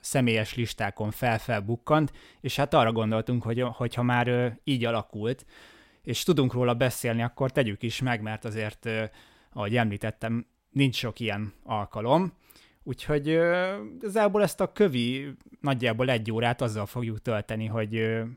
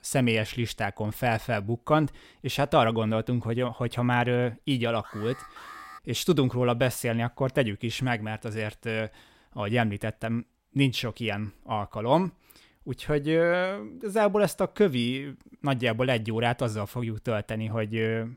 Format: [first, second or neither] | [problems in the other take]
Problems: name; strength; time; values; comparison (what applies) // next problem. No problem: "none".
first | alarm; faint; at 5 s; peak 15 dB below the speech